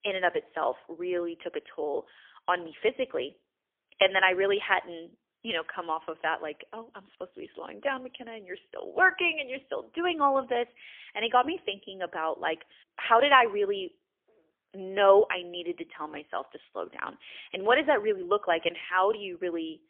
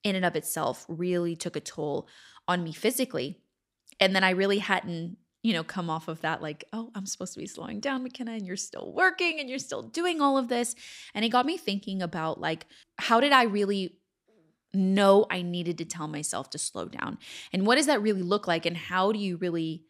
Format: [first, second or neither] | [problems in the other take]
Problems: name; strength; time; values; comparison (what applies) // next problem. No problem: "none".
second | phone-call audio; poor line; nothing above 3.5 kHz